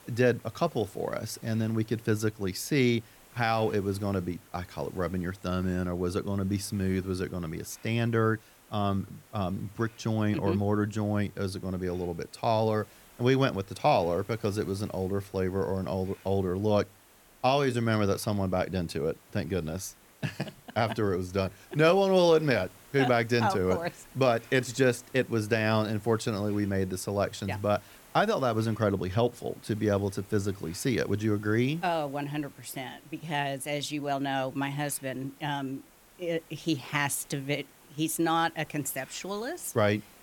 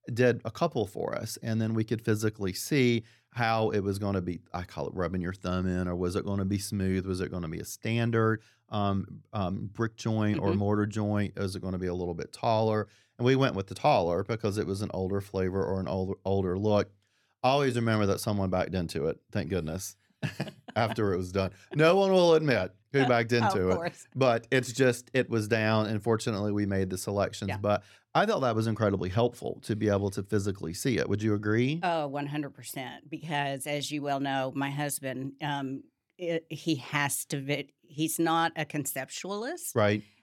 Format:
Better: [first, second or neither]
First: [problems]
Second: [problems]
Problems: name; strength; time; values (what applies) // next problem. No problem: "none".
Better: second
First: hiss; faint; throughout; 25 dB below the speech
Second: none